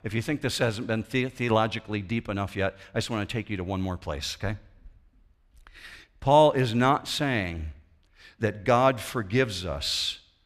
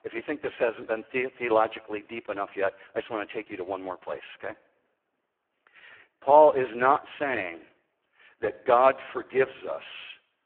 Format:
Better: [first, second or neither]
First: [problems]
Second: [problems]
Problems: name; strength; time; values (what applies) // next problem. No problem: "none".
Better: first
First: none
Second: phone-call audio; poor line